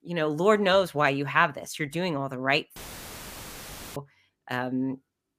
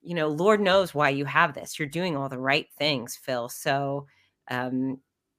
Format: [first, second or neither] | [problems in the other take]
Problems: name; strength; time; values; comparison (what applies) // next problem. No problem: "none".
second | audio cutting out; filled with static; at 3 s for 1 s